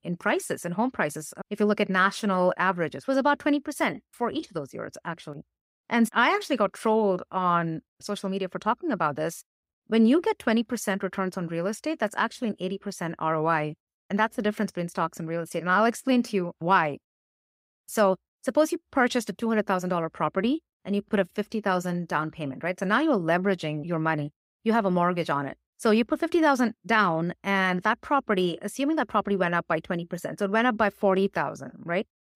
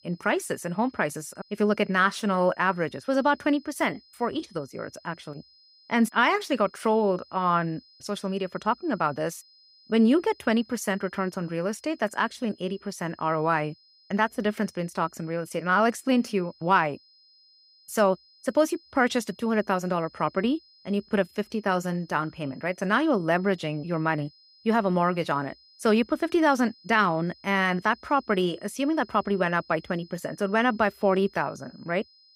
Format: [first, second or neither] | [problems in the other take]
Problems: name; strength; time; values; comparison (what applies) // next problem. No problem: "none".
first | high-pitched whine; faint; throughout; 5 kHz, 30 dB below the speech